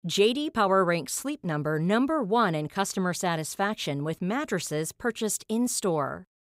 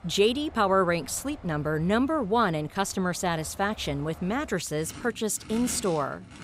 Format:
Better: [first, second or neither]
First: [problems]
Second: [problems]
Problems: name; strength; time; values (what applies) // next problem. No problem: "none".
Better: first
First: none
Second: traffic noise; noticeable; throughout; 20 dB below the speech